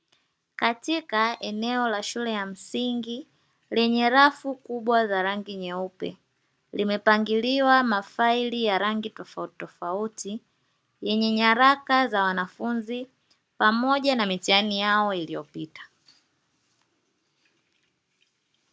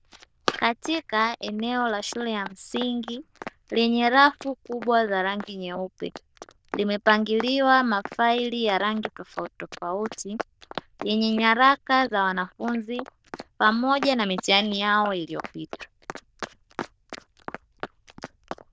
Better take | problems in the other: first | noise reduction (neural diffusion model UNIVERSE++)

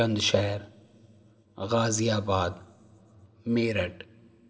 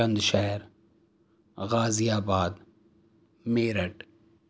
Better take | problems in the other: second | room echo; dies away in 1 s

